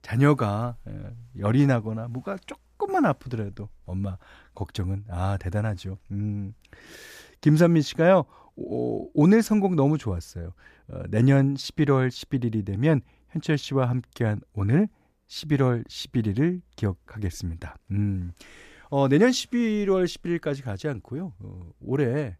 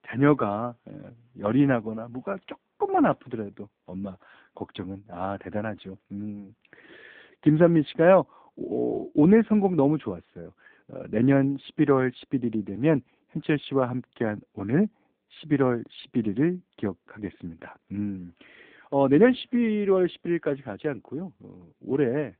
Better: first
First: none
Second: phone-call audio; poor line; nothing above 3.5 kHz

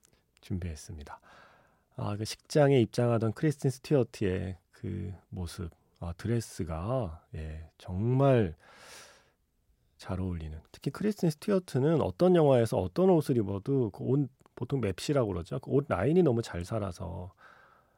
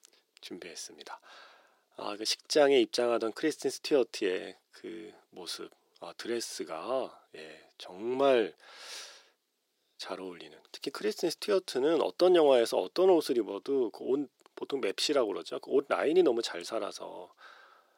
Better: first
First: none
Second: thin; somewhat; fading below 350 Hz

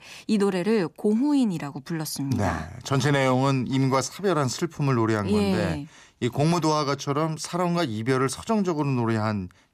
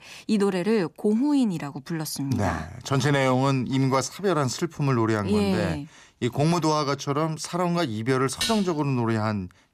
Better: first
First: none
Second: clattering dishes; noticeable; at 8.5 s; peak 3 dB below the speech

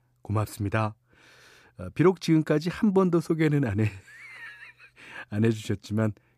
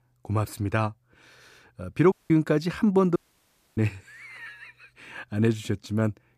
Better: first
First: none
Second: audio cutting out; at 2 s and at 3 s for 0.5 s

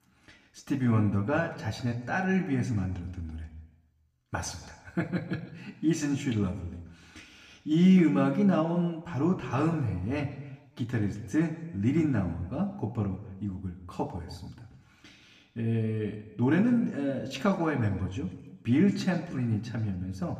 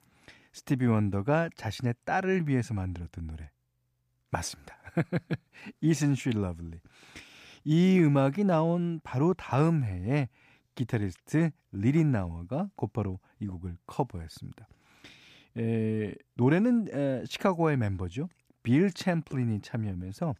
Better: second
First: room echo; slight; dies away in 1 s // off-mic speech; somewhat distant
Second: none

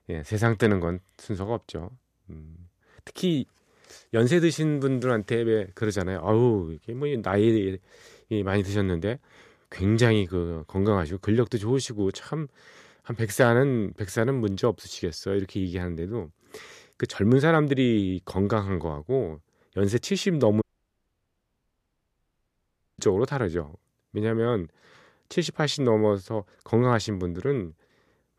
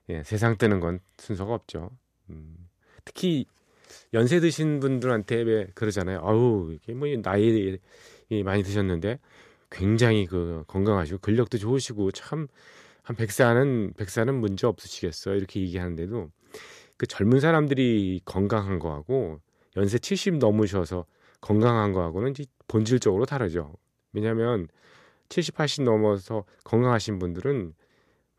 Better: second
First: audio cutting out; at 21 s for 2.5 s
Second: none

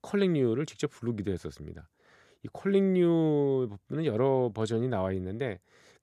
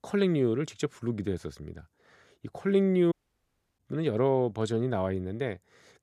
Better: first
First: none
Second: audio cutting out; at 3 s for 0.5 s

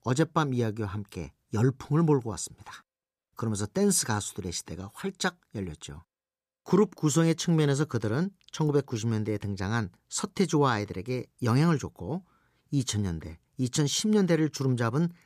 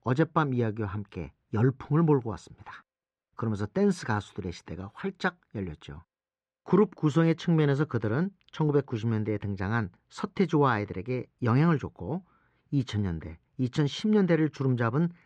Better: first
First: none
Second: muffled; very; fading above 2.5 kHz

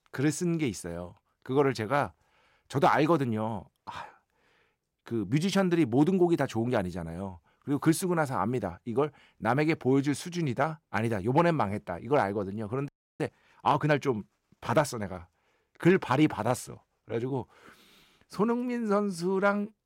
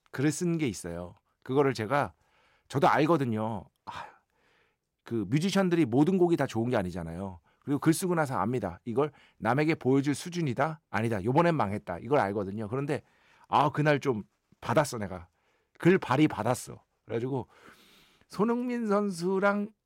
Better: second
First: audio freezing; at 13 s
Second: none

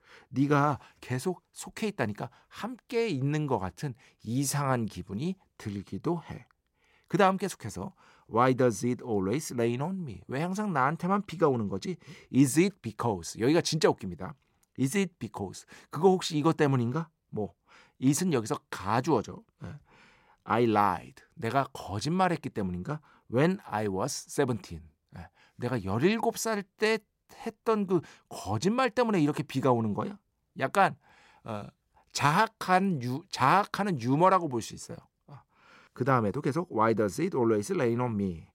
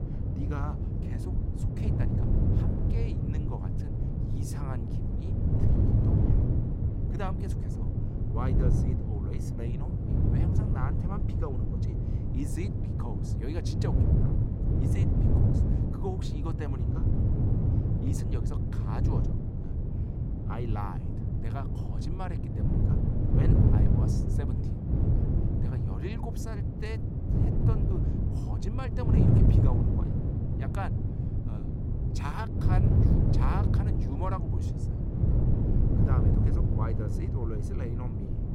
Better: first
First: none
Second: wind noise on the microphone; heavy; 3 dB above the speech

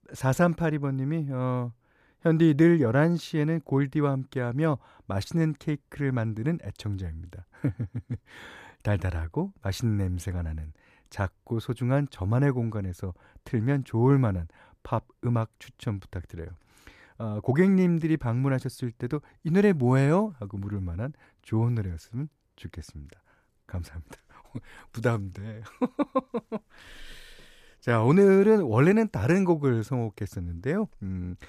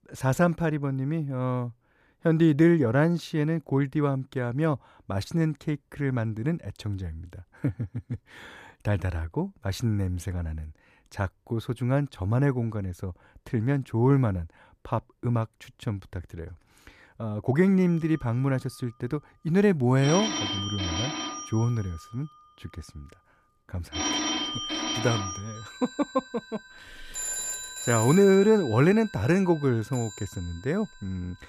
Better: first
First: none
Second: alarms or sirens; loud; from 18 s on; 5 dB below the speech

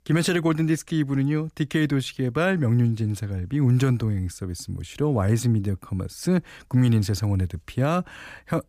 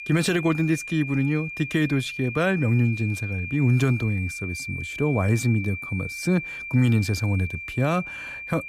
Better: first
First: none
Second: high-pitched whine; loud; throughout; 2.5 kHz, 8 dB below the speech

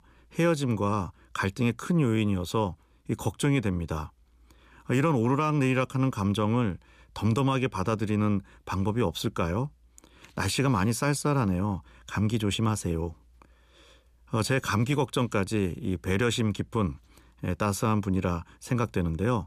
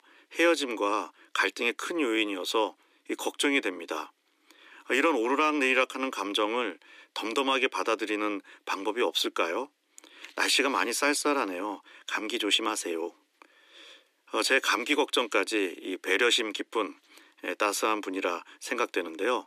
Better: first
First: none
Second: thin; somewhat; fading below 300 Hz

